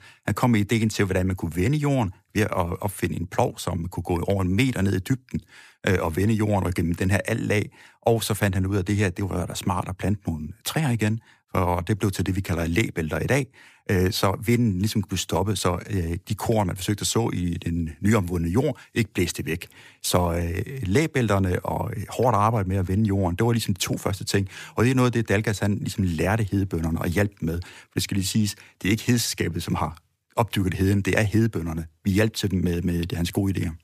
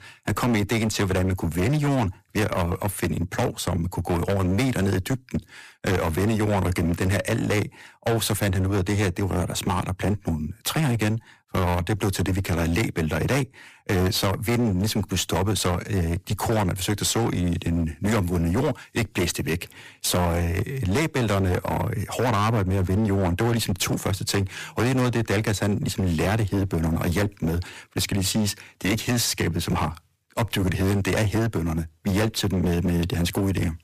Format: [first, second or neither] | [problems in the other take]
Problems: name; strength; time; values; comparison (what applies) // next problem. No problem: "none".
first | distortion; heavy; 21% of the sound clipped